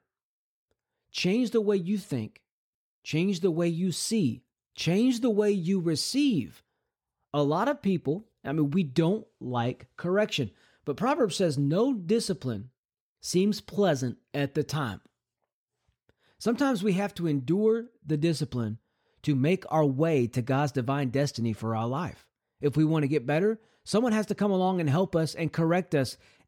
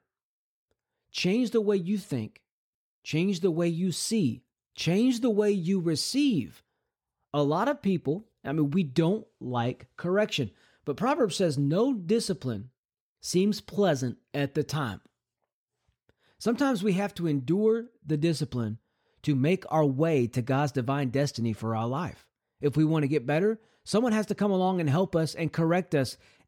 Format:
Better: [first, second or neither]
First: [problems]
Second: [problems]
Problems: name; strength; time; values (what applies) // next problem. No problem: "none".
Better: neither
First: none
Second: none